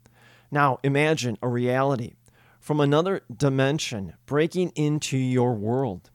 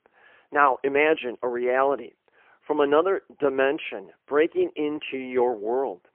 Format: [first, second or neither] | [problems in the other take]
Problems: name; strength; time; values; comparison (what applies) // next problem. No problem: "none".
first | phone-call audio; poor line; nothing above 3 kHz